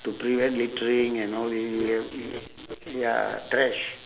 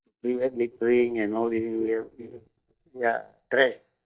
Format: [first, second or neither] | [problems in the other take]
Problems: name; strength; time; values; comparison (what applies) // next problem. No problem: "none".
first | noise reduction (neural mask model DeepFilterNet 3)